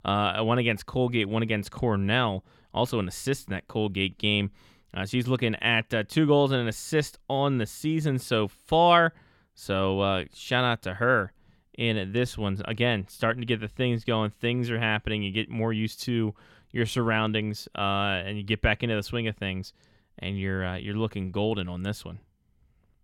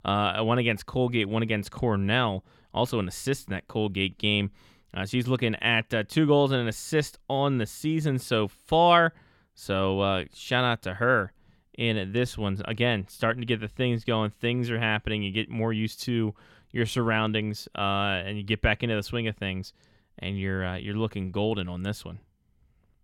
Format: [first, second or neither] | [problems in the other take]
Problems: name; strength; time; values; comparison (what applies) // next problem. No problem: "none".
neither | none